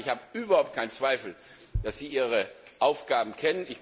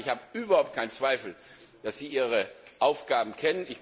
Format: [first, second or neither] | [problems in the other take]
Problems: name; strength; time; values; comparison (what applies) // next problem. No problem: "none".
second | background sound (Bass drum); 12 dB below the speech